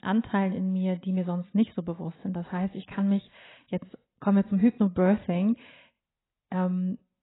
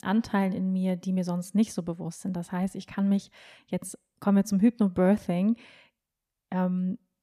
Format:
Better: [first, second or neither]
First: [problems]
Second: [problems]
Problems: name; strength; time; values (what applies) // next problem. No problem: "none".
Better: second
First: garbled, watery; badly; nothing above 4 kHz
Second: none